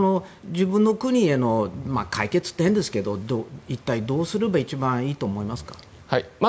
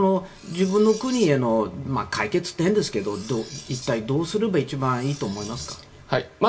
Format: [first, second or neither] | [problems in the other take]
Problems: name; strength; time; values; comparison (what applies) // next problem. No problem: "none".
first | background sound (Cutlery, silverware); 19 dB below the speech // room echo; dies away in 0.2 s